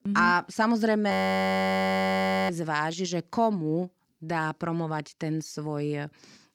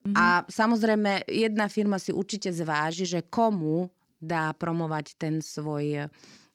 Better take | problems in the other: second | audio freezing; at 1 s for 1.5 s

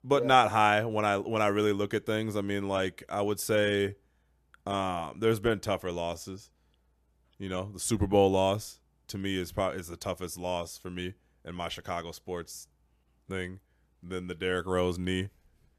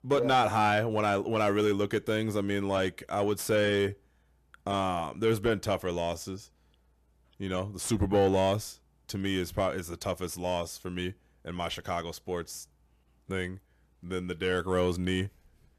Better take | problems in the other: first | distortion; slight; 10 dB below the speech

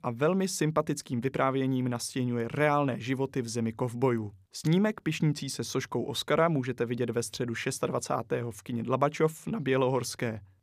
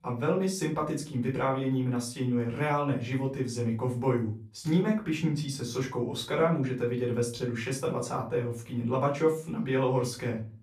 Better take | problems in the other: first | off-mic speech; far // room echo; slight; dies away in 0.3 s

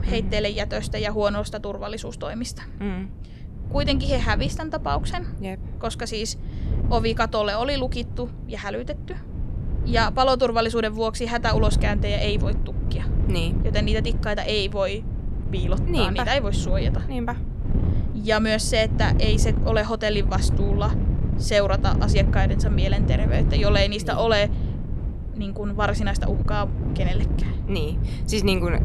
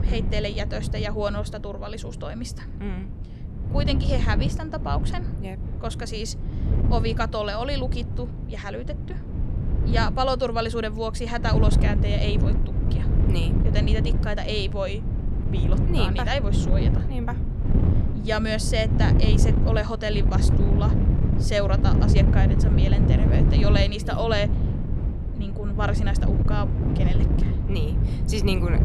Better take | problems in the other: first | wind noise on the microphone; heavy; 6 dB below the speech; occasional gusts in the first

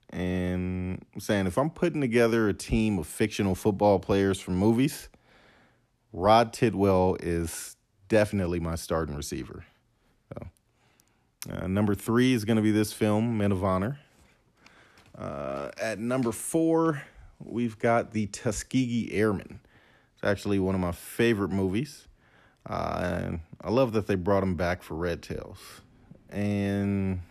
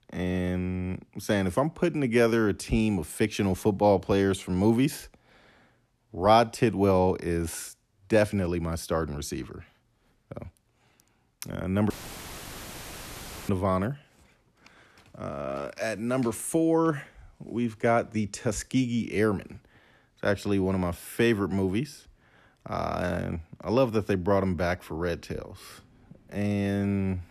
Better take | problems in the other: first | audio cutting out; filled with static; at 12 s for 1.5 s

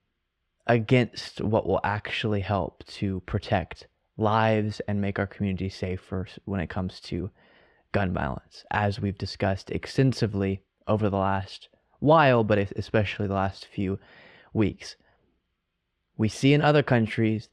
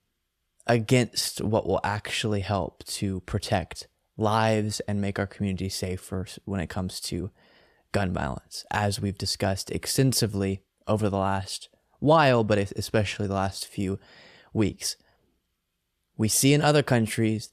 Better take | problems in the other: second | muffled; slightly; fading above 2.5 kHz

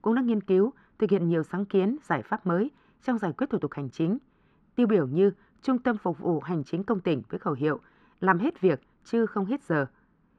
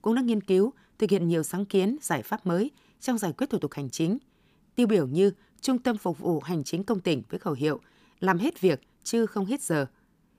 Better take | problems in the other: second | muffled; very; fading above 2 kHz

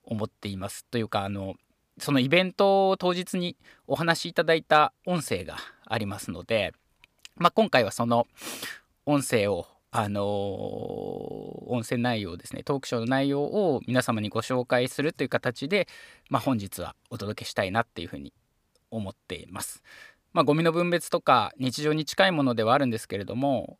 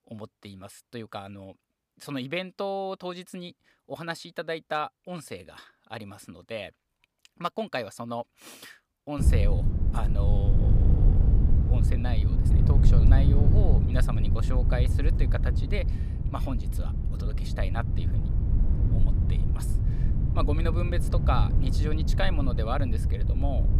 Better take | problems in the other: first | wind noise on the microphone; heavy; from 9 s on; 5 dB below the speech

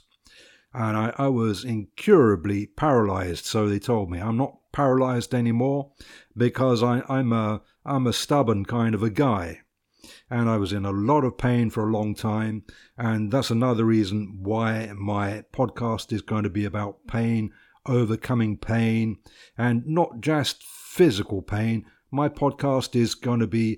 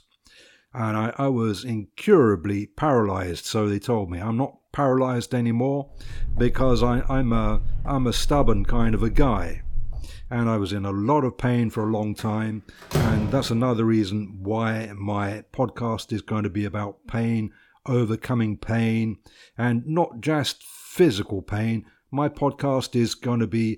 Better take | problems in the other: first | footsteps; noticeable; from 6 to 10 s; peak 7 dB below the speech // door banging; loud; at 13 s; peak level with the speech

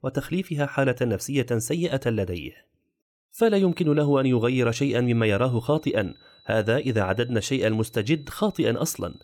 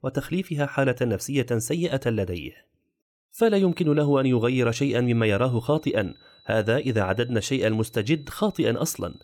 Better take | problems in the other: neither | high-pitched whine; faint; from 3.5 s on; 4 kHz, 30 dB below the speech; the same in both

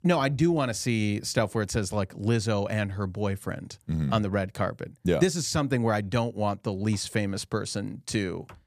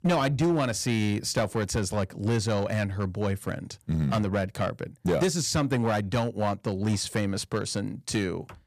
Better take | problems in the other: first | distortion; slight; 6% of the sound clipped

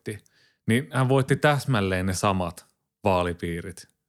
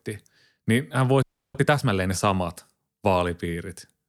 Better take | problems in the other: first | audio freezing; at 1 s

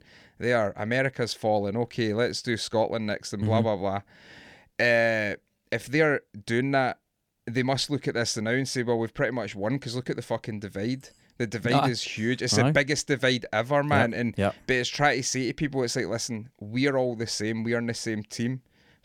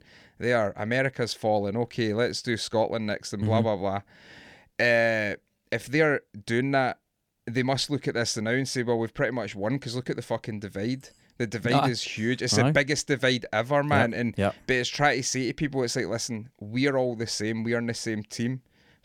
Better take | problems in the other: neither | none

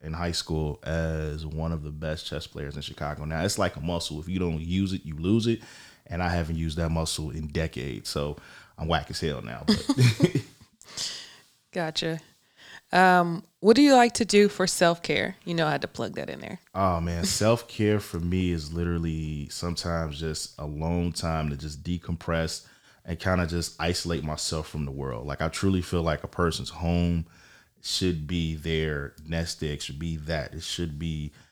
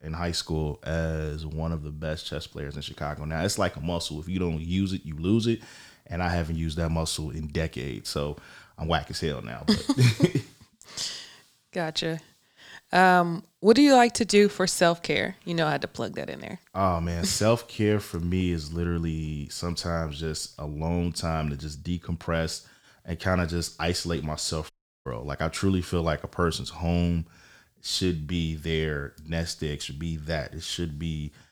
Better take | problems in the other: first | audio cutting out; at 25 s

